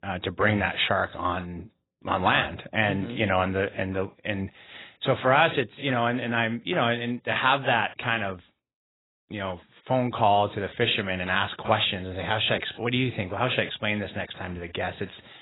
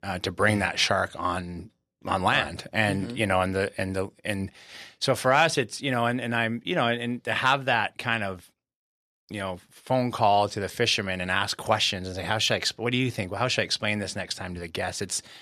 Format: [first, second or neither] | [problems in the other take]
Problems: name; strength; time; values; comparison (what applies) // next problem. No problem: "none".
second | garbled, watery; badly; nothing above 4 kHz